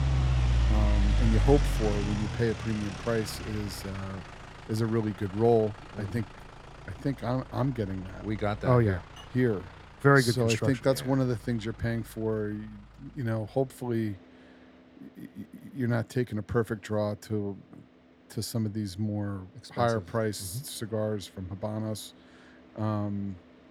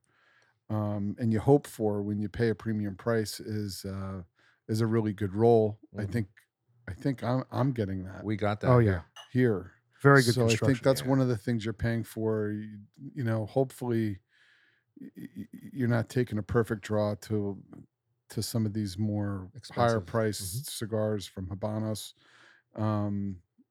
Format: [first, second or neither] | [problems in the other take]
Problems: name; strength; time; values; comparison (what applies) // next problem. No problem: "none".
second | traffic noise; loud; throughout; 3 dB below the speech